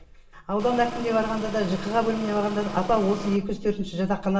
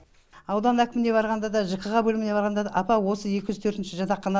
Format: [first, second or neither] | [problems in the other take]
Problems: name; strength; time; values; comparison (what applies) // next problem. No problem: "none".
second | background sound (Engine); 11 dB below the speech // room echo; dies away in 0.8 s